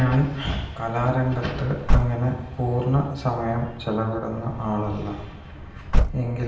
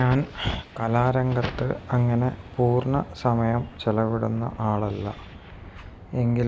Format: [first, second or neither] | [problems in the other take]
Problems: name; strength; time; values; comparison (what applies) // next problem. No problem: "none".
second | background sound (Slam / Car); 3 dB below the speech // room echo; dies away in 0.8 s